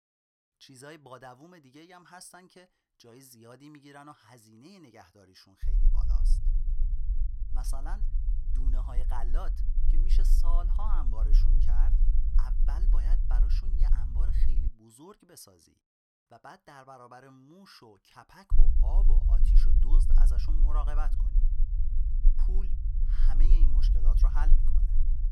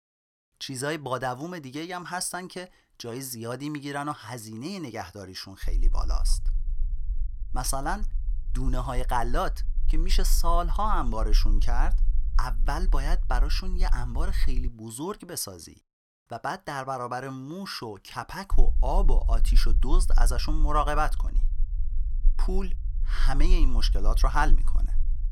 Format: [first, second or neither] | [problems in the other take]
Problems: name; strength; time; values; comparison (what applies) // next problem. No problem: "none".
second | low rumble; loud; from 5.5 to 15 s and from 19 s on; 6 dB below the speech; faint in the second